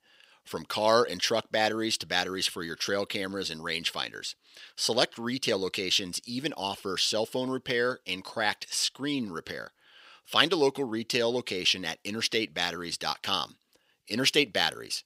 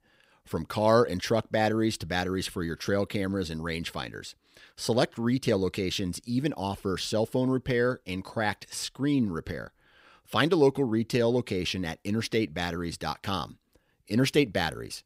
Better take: second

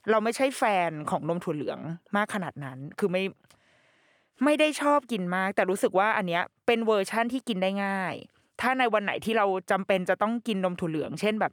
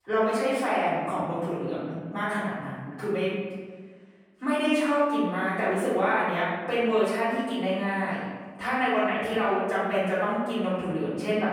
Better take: first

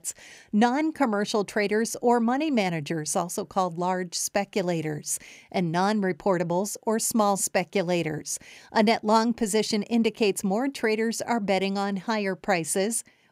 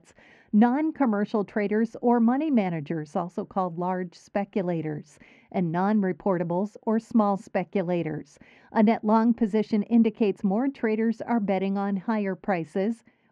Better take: first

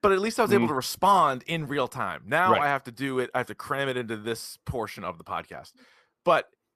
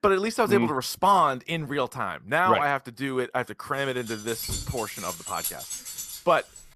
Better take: first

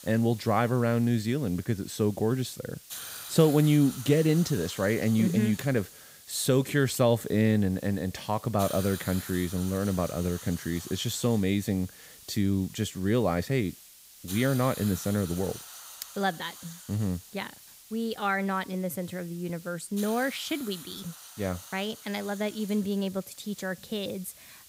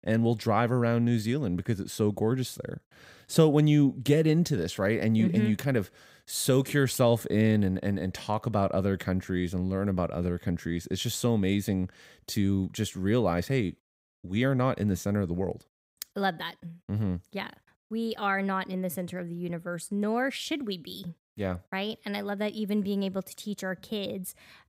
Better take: second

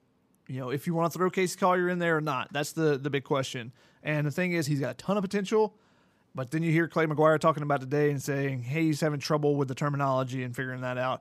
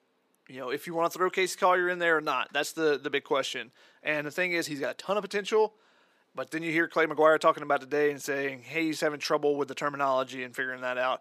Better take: first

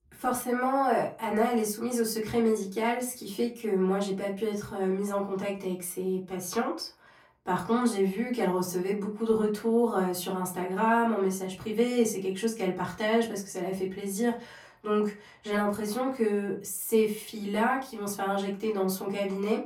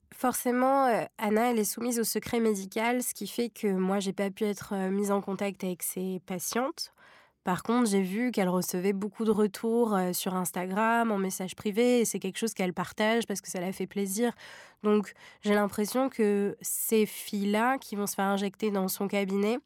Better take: second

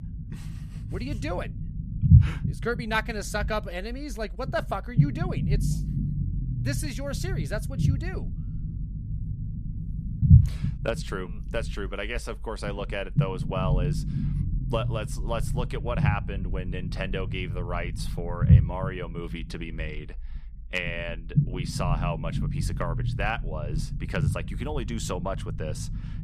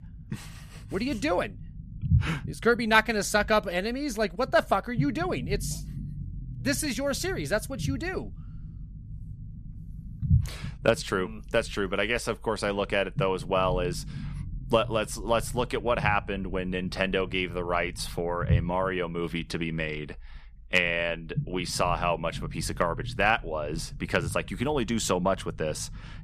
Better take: second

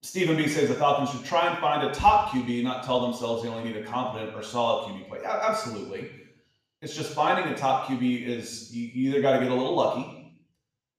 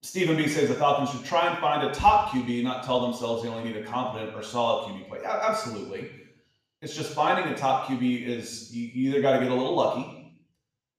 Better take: neither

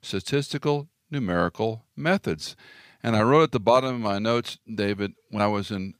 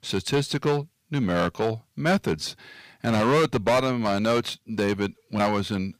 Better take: first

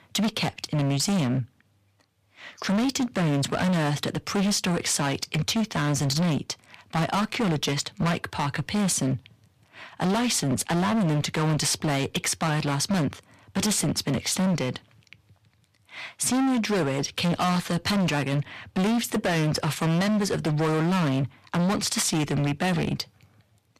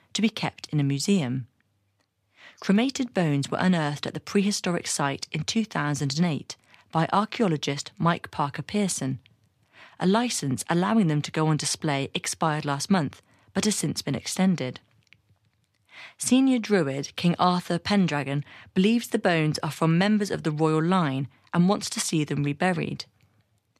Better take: second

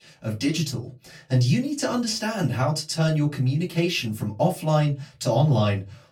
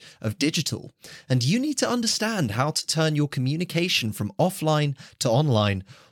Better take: second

